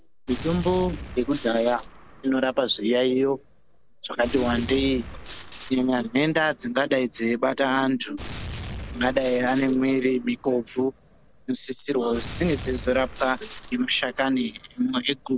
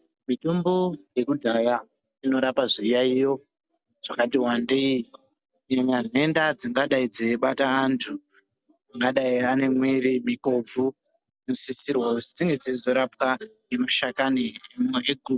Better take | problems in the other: second | background sound (Gunshot, gunfire); 14 dB below the speech

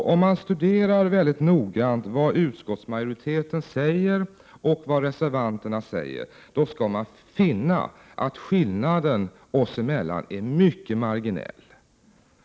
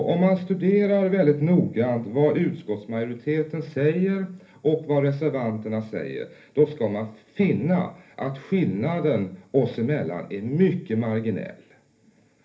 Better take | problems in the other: first | room echo; dies away in 0.3 s

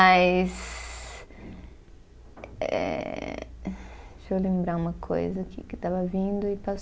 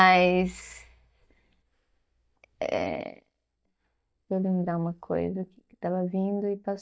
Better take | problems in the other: first | noise reduction (neural mask model DeepFilterNet 3)

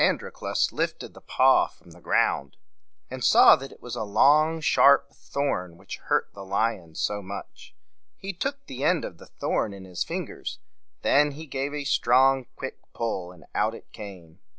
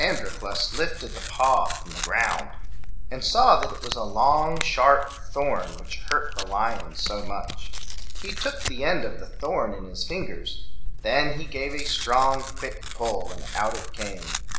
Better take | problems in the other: first | background sound (Tearing); 10 dB below the speech // room echo; dies away in 0.7 s

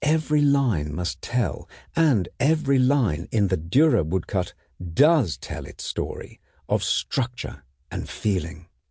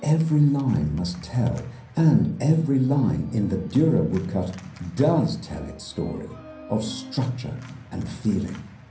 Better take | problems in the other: first | background sound (Organ); 19 dB below the speech // room echo; dies away in 0.6 s

